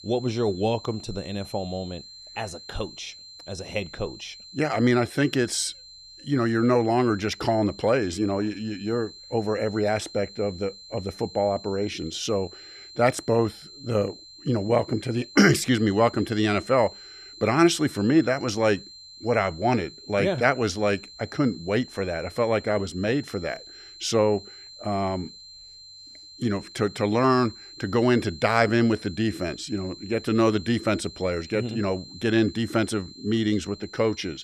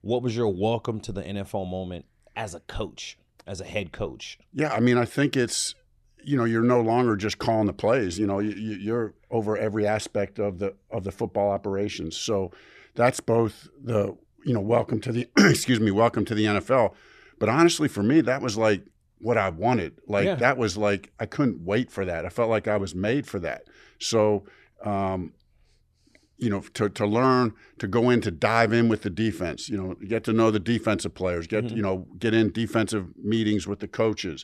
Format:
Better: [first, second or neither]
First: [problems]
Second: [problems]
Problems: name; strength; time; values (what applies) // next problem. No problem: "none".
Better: second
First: high-pitched whine; noticeable; throughout; 4 kHz, 15 dB below the speech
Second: none